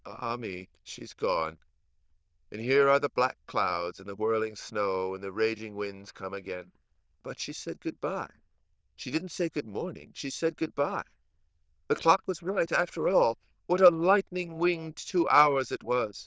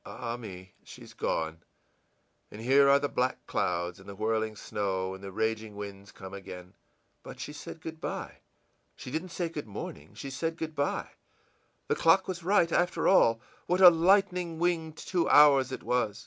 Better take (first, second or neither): second